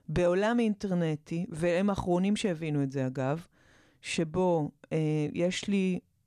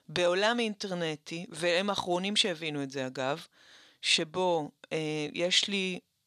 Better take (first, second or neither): first